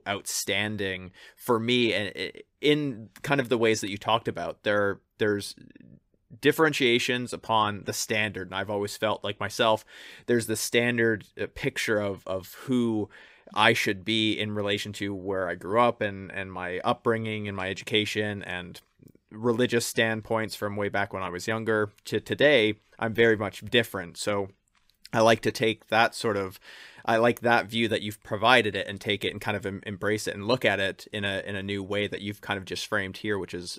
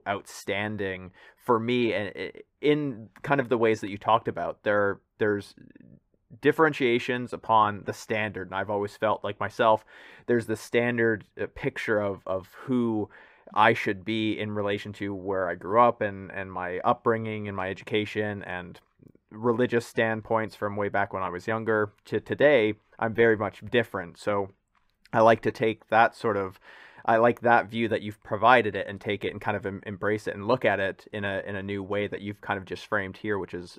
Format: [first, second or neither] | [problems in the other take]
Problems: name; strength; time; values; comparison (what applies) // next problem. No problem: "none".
first | muffled; slightly; fading above 3 kHz